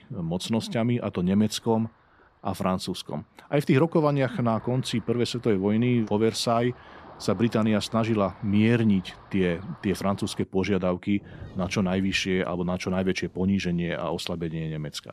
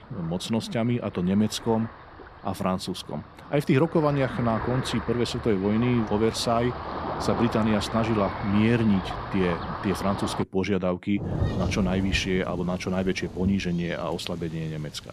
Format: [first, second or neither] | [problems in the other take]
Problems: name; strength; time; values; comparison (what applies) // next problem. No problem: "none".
first | rain or running water; loud; throughout; 8 dB below the speech; faint in the first